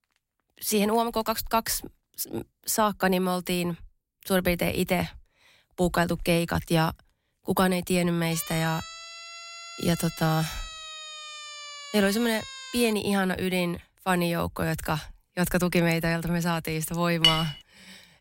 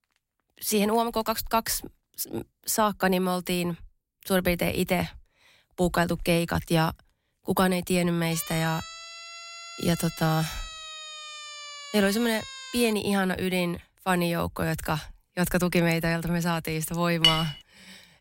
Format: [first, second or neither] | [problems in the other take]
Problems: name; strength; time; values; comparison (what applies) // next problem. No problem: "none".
neither | siren; faint; from 8.5 to 13 s; peak 10 dB below the speech; the same in both // clattering dishes; loud; at 17 s; peak 5 dB above the speech; the same in both